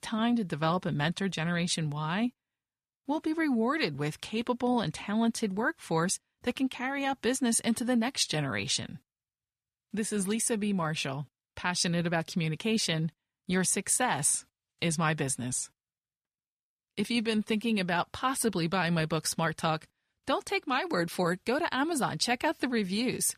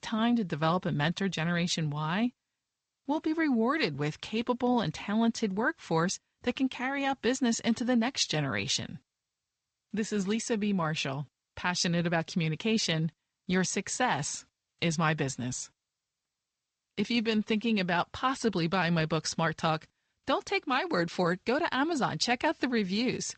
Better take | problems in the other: first | garbled, watery; slightly; nothing above 8 kHz

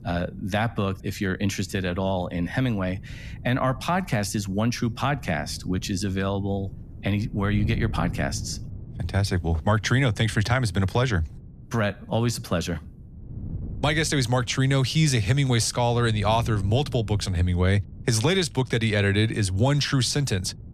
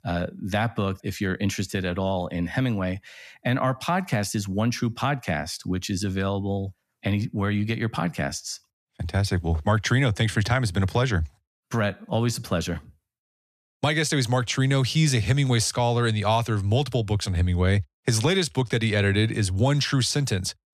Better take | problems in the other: second | wind noise on the microphone; occasional gusts; 25 dB below the speech

